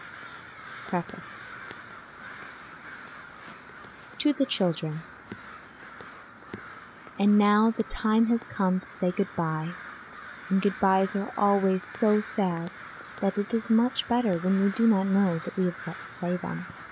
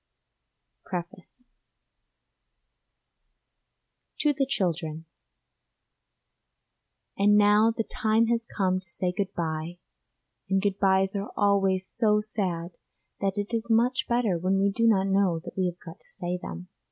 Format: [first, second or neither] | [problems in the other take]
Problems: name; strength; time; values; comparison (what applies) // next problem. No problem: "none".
second | background sound (Crow); 15 dB below the speech